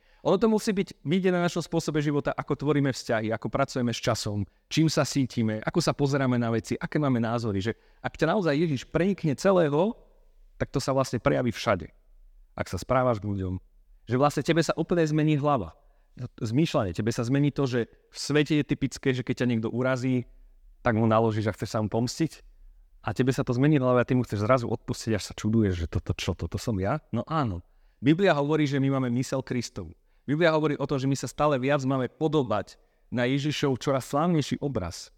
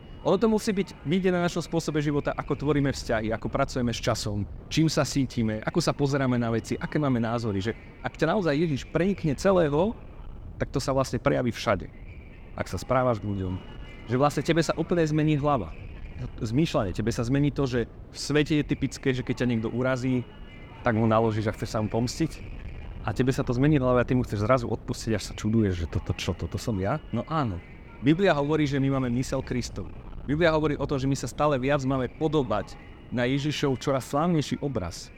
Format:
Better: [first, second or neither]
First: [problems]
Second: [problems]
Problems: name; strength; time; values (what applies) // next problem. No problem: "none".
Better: first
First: none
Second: wind noise on the microphone; occasional gusts; 20 dB below the speech